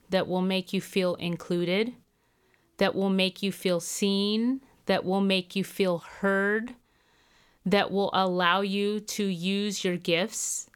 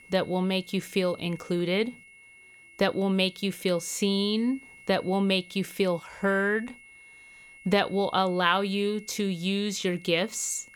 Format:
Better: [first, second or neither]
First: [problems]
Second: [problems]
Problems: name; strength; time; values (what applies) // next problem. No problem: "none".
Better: first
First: none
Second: high-pitched whine; faint; throughout; 2 kHz, 20 dB below the speech